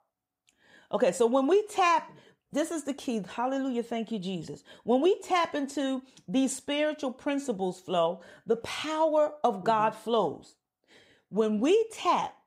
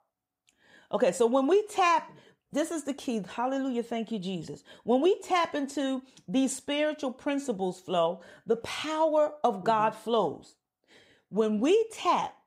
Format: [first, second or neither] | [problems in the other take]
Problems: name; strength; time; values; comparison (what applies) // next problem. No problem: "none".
neither | none